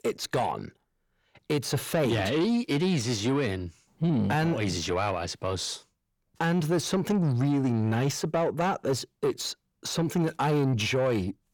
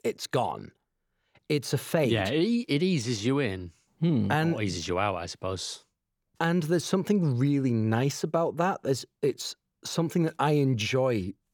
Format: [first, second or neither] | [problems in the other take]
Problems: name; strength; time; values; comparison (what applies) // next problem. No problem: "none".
second | distortion; slight; 10 dB below the speech